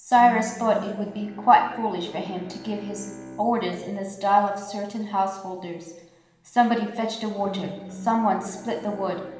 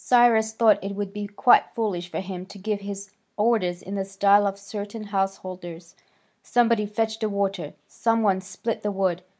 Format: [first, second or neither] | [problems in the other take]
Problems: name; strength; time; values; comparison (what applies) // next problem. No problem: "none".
second | background sound (Bowed string instrument); 17 dB below the speech // room echo; dies away in 1.1 s